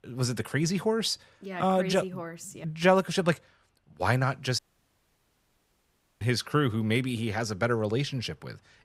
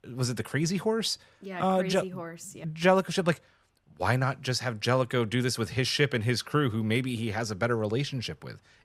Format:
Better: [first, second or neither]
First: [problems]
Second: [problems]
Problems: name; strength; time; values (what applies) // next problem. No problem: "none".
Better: second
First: audio cutting out; at 4.5 s for 1.5 s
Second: none